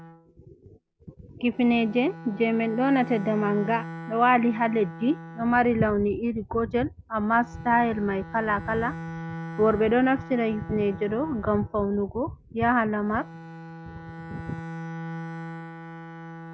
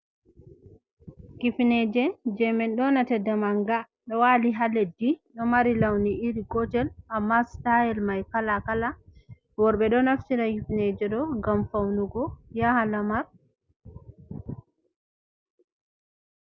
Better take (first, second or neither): second